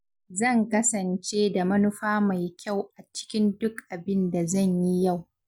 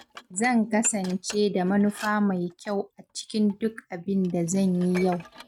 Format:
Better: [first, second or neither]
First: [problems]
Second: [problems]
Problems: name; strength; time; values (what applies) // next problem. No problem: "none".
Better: first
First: none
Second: noise reduction (neural mask model RNNoise)